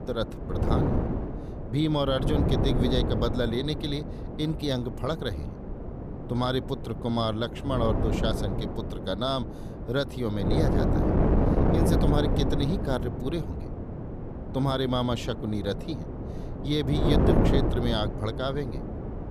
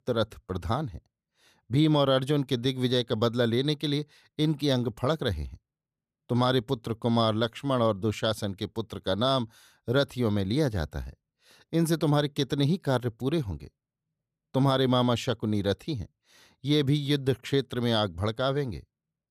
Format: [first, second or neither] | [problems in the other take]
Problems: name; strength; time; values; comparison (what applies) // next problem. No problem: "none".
second | wind noise on the microphone; heavy; 3 dB below the speech